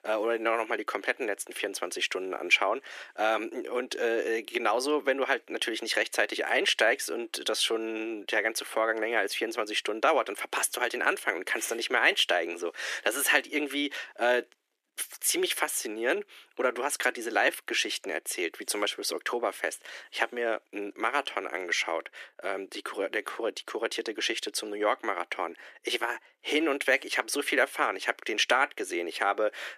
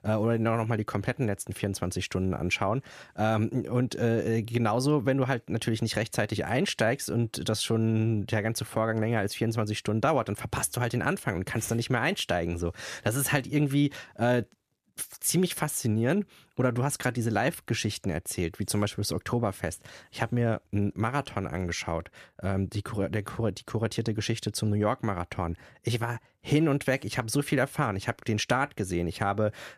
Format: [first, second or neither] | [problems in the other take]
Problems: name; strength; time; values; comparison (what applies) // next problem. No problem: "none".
second | thin; very; fading below 350 Hz